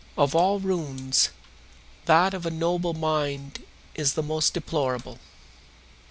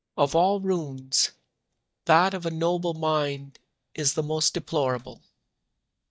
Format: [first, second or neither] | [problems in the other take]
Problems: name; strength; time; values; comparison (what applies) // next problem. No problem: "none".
first | noise reduction (neural mask model DeepFilterNet 3)